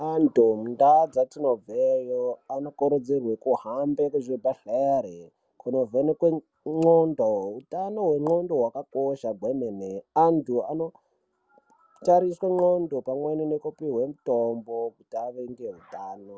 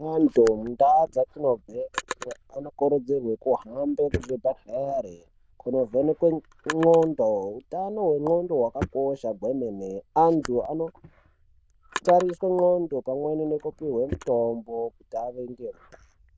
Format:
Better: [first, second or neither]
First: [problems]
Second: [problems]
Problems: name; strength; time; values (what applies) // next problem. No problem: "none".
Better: first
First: none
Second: noise reduction (neural diffusion model UNIVERSE++)